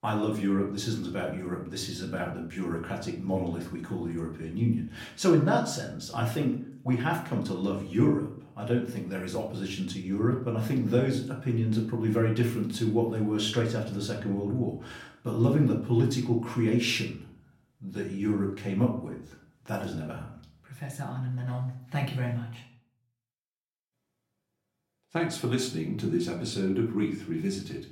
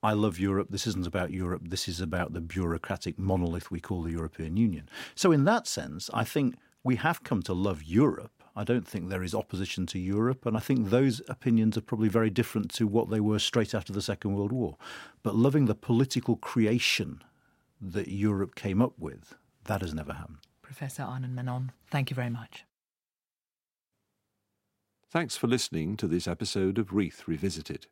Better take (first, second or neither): second